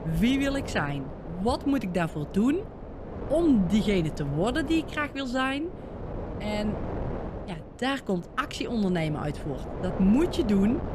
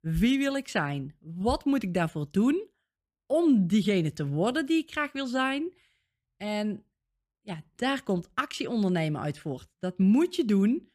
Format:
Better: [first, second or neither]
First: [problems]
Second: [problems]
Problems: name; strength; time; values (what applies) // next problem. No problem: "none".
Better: second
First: wind noise on the microphone; occasional gusts; 10 dB below the speech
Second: none